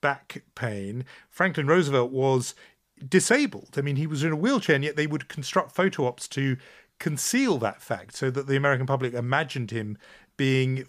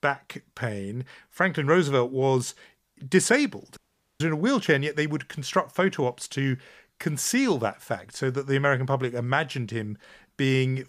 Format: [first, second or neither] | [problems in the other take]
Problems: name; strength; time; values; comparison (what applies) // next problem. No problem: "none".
first | audio cutting out; at 4 s